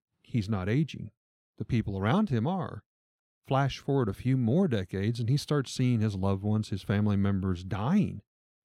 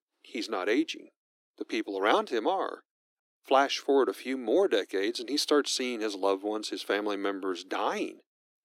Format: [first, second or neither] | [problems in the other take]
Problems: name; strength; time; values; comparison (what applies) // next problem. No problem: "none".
first | thin; very; fading below 300 Hz